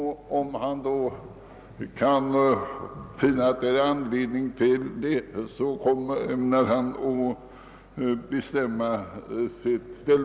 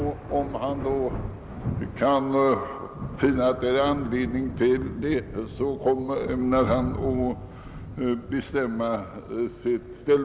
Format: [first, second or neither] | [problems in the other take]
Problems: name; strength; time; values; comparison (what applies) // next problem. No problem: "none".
first | background sound (Thunder); 10 dB below the speech